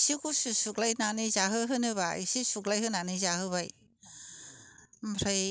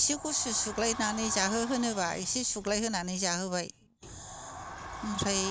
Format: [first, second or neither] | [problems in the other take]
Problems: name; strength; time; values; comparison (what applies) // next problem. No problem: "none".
first | background sound (Sliding door); 12 dB below the speech